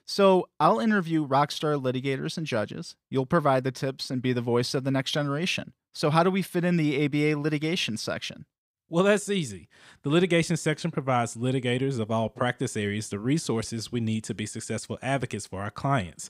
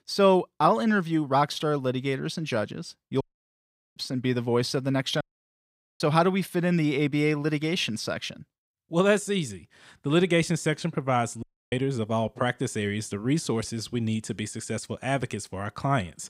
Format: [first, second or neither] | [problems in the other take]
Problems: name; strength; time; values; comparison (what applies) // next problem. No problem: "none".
first | audio cutting out; at 3 s for 1 s, at 5 s for 1 s and at 11 s